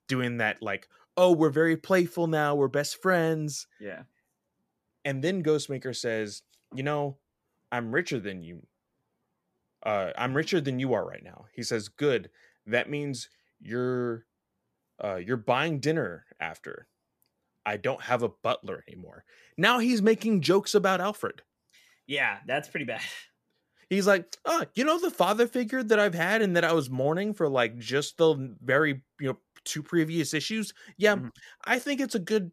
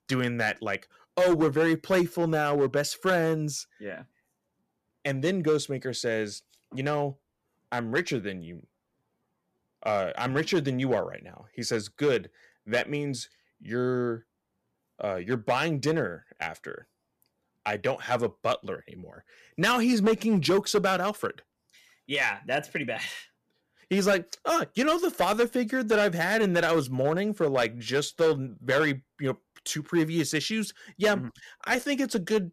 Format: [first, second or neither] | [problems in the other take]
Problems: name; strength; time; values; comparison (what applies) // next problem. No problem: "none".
first | distortion; slight; 3% of the sound clipped